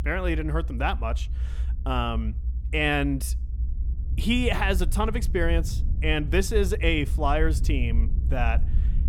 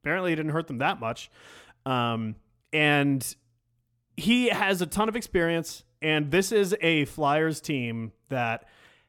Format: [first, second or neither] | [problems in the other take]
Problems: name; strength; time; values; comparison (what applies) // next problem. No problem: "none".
second | low rumble; noticeable; throughout; 20 dB below the speech